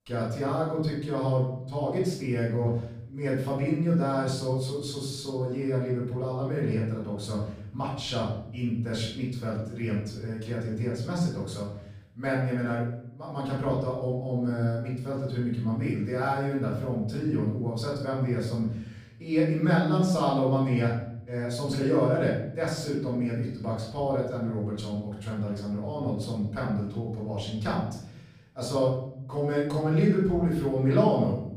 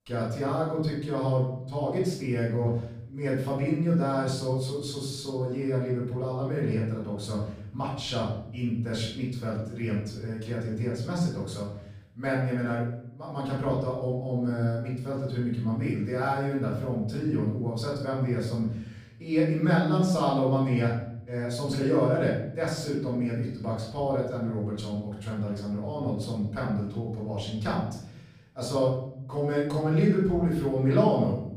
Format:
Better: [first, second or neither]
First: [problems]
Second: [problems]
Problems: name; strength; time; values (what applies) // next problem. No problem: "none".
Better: neither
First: room echo; noticeable; dies away in 0.7 s // off-mic speech; far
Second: room echo; noticeable; dies away in 0.7 s // off-mic speech; far